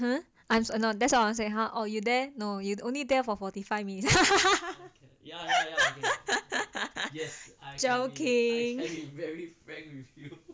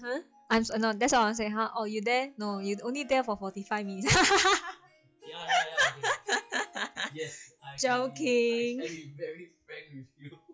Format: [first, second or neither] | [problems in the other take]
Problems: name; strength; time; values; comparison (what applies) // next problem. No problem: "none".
first | noise reduction (classical method log-MMSE)